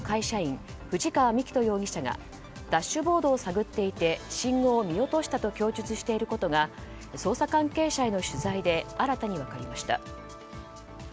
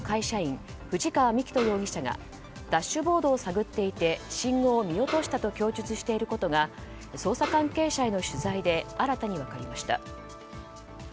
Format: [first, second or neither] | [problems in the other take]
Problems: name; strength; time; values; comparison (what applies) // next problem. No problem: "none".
first | background sound (Snare drum); 11 dB below the speech